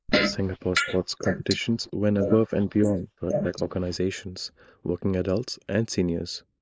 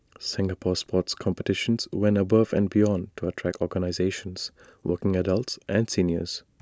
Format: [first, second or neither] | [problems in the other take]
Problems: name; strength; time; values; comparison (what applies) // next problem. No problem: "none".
second | noise reduction (neural mask model Resemble Enhance denoiser)